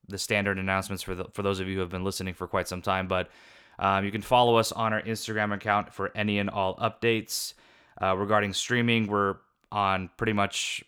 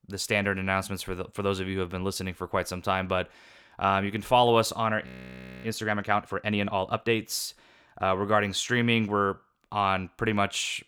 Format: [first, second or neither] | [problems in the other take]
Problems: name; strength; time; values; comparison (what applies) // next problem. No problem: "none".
first | audio freezing; at 5 s for 0.5 s